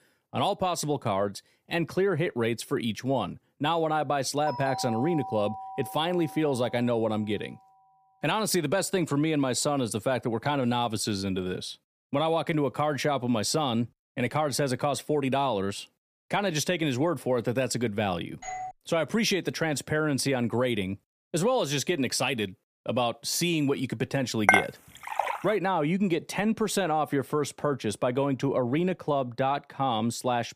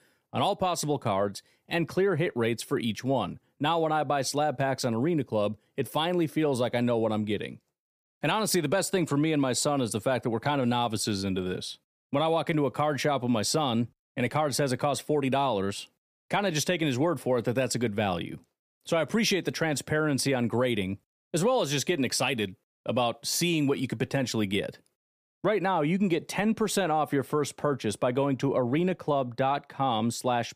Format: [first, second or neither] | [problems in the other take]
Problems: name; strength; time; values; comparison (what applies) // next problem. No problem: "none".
second | doorbell; noticeable; from 4.5 to 7 s and at 18 s; peak 7 dB below the speech // clattering dishes; loud; at 24 s; peak 6 dB above the speech